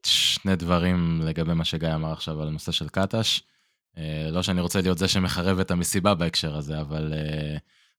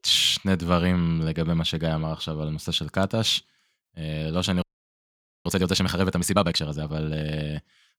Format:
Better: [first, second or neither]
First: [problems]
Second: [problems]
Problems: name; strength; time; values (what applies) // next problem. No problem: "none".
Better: first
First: none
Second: audio freezing; at 4.5 s for 1 s